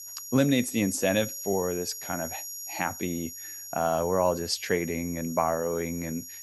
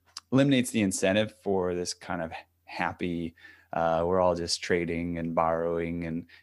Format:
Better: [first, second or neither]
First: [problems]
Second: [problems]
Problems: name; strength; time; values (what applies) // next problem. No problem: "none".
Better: second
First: high-pitched whine; loud; throughout; 6.5 kHz, 9 dB below the speech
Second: none